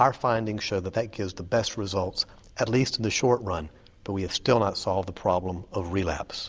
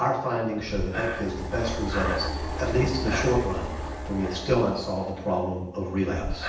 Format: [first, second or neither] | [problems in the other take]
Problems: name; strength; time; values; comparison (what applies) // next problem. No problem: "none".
first | background sound (Breathing); 5 dB below the speech // room echo; dies away in 0.9 s